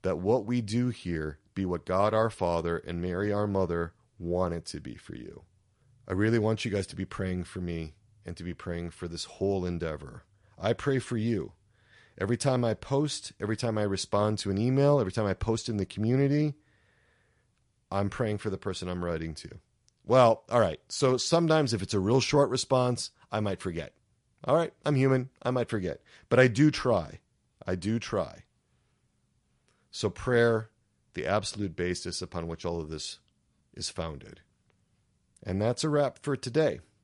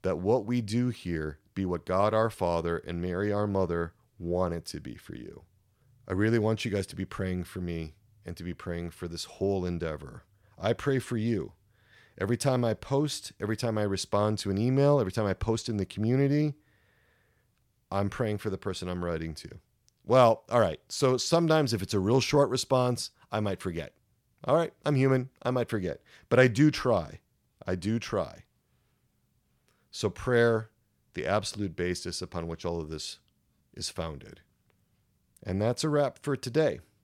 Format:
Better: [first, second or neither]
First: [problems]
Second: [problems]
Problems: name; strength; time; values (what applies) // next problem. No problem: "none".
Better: second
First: garbled, watery; slightly; nothing above 10.5 kHz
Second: none